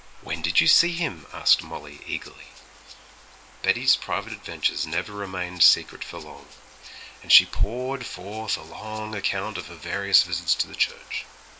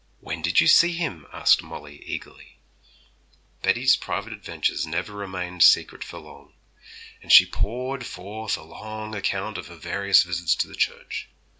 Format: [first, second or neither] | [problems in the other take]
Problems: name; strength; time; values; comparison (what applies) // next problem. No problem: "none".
second | background sound (Bathtub (filling or washing) + Rattle (instrument)); 19 dB below the speech